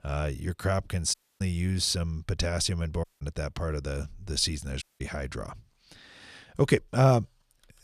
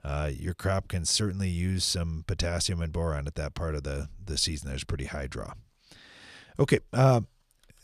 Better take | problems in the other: second | audio cutting out; at 1 s, at 3 s and at 5 s

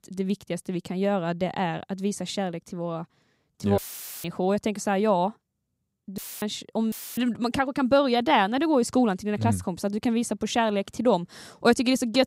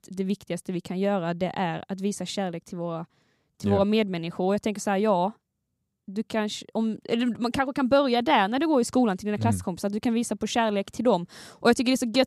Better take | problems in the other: second | audio cutting out; filled with static; at 4 s, at 6 s and at 7 s

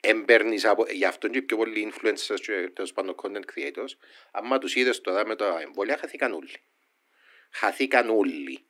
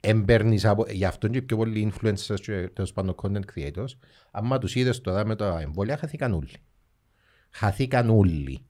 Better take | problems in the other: second | thin; very; fading below 250 Hz

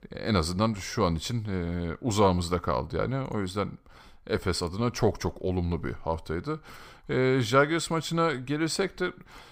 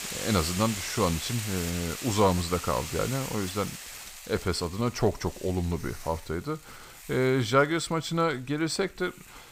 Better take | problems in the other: first | hiss; loud; throughout; 8 dB below the speech

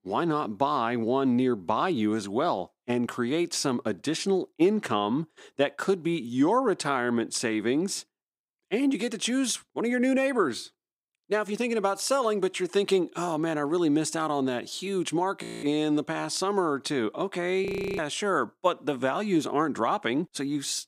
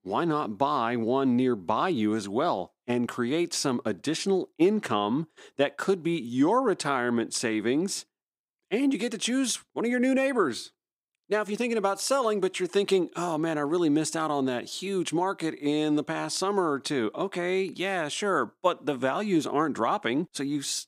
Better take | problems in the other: second | audio freezing; at 15 s and at 18 s

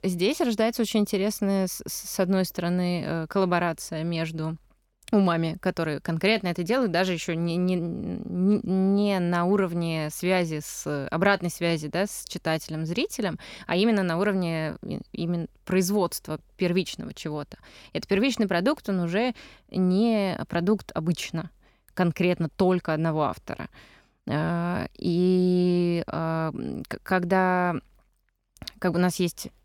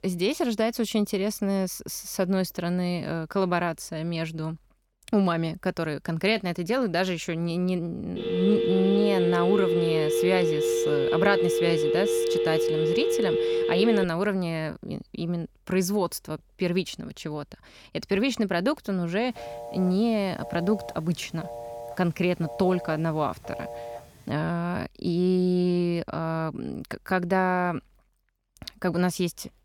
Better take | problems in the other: first | phone ringing; loud; from 8 to 14 s; peak 3 dB above the speech // phone ringing; noticeable; from 19 to 24 s; peak 10 dB below the speech

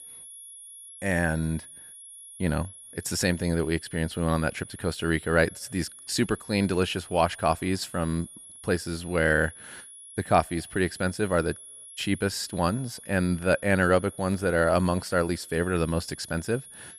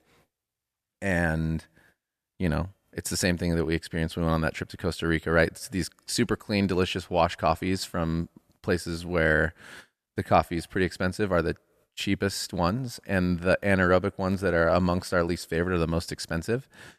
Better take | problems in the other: second | high-pitched whine; noticeable; throughout; 10.5 kHz, 15 dB below the speech

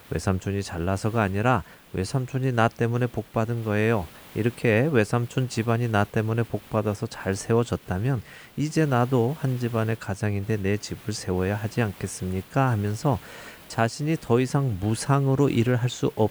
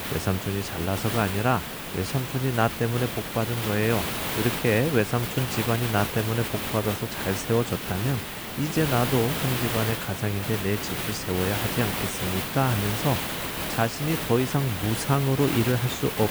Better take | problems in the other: first | hiss; loud; throughout; 3 dB below the speech; faint in the first

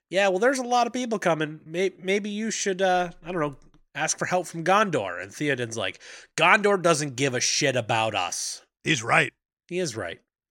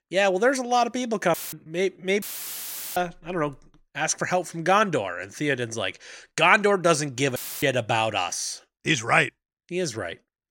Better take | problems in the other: first | audio cutting out; filled with static; at 1.5 s, at 2 s for 0.5 s and at 7.5 s

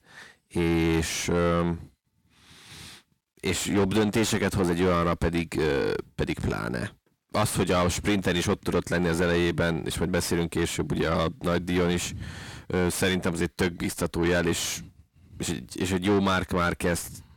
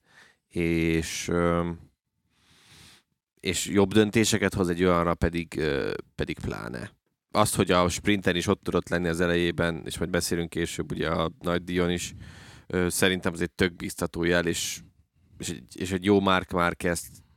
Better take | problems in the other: second | distortion; heavy; 7 dB below the speech

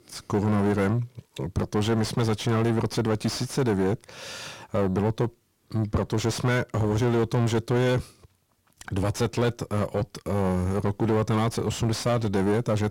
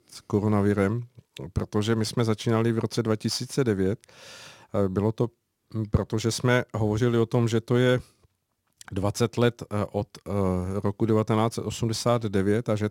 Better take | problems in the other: second | distortion; heavy; 7 dB below the speech

